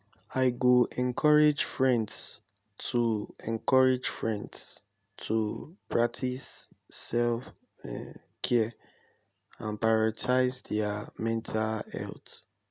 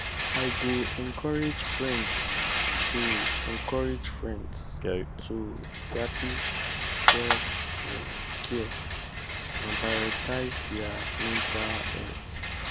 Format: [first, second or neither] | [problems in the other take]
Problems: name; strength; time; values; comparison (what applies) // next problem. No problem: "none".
first | background sound (Rattle); 4 dB above the speech